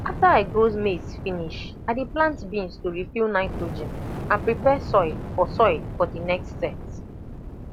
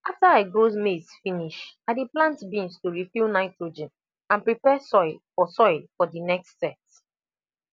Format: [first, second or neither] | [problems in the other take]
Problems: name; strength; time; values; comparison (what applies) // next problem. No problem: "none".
second | background sound (Fire); 9 dB below the speech